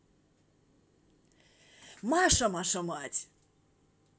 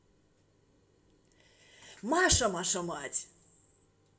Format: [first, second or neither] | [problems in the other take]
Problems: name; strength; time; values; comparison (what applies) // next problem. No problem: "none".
first | room echo; dies away in 0.4 s